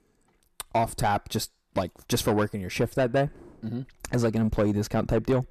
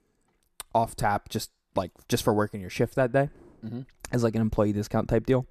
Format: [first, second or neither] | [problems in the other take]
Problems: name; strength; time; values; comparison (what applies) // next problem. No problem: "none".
second | distortion; slight; 10 dB below the speech